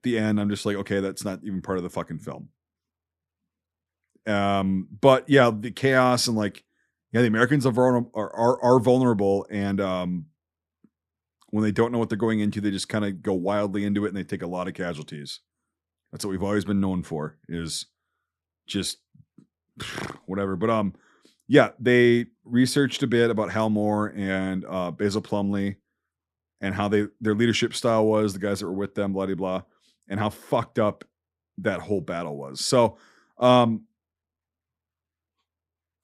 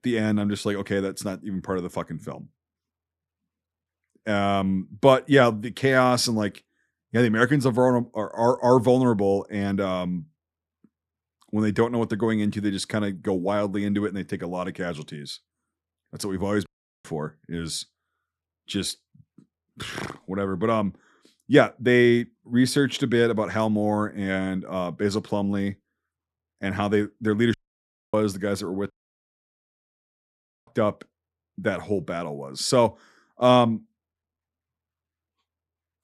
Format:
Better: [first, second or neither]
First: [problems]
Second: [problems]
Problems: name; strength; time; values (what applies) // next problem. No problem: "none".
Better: first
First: none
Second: audio cutting out; at 17 s, at 28 s for 0.5 s and at 29 s for 2 s